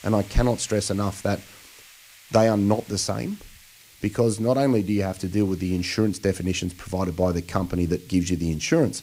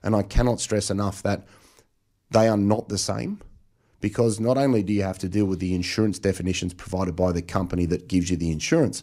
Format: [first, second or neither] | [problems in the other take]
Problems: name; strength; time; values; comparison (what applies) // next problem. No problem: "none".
second | hiss; faint; throughout; 25 dB below the speech